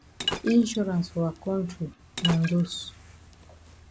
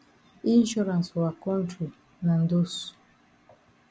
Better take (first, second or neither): second